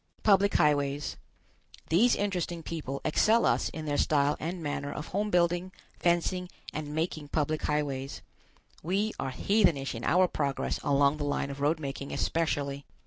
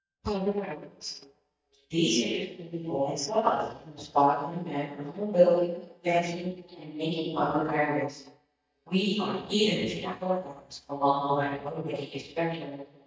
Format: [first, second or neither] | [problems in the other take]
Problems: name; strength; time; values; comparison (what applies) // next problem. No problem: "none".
first | noise reduction (neural mask model DeepFilterNet 3)